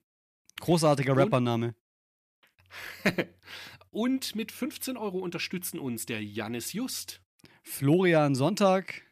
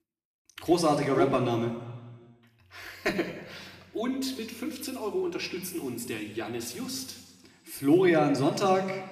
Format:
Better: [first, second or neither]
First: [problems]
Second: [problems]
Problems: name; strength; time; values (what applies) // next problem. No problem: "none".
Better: first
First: none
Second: room echo; slight; dies away in 1.2 s // off-mic speech; somewhat distant